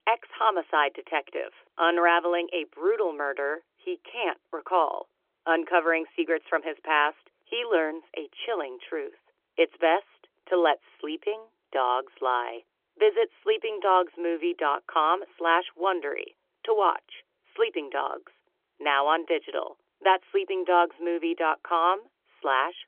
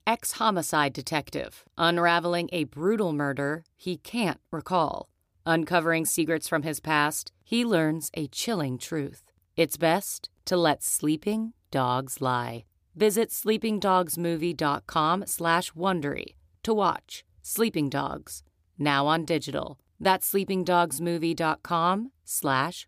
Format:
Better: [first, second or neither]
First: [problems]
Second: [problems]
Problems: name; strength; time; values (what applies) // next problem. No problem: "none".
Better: second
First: phone-call audio; nothing above 3.5 kHz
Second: none